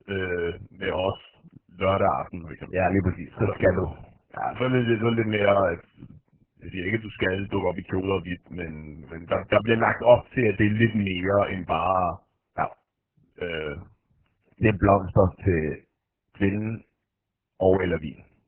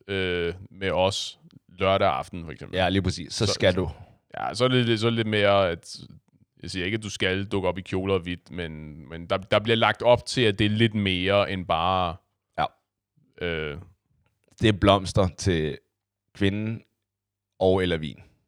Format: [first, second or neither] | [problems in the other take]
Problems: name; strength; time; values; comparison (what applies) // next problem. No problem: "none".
second | garbled, watery; badly; nothing above 3 kHz